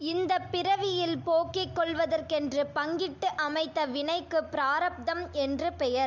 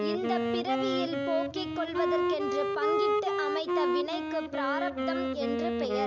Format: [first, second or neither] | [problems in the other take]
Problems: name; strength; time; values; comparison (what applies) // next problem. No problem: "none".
first | background sound (Wind instrument, woodwind instrument); 4 dB above the speech